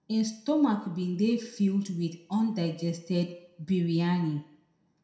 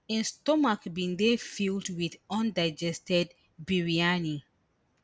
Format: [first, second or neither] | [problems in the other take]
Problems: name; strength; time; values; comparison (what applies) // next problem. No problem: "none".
second | room echo; dies away in 0.5 s